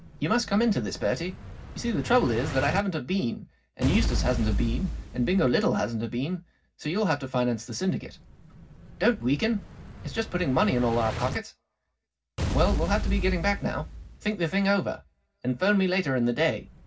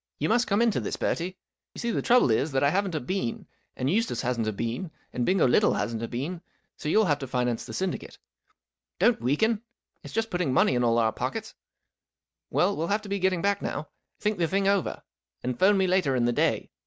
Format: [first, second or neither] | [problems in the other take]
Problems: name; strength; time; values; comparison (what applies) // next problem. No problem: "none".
second | background sound (Explosion); 7 dB below the speech // room echo; dies away in 0.4 s